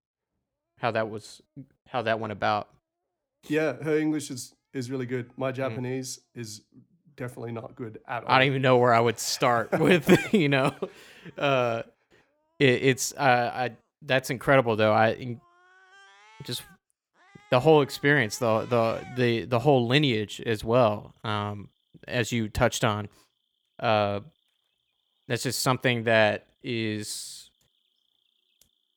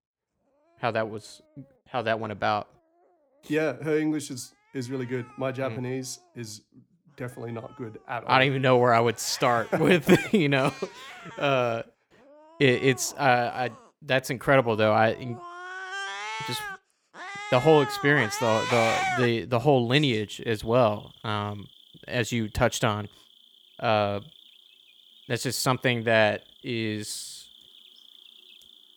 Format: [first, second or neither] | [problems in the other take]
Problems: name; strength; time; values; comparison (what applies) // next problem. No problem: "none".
first | animal sounds; loud; throughout; 10 dB below the speech; faint in the first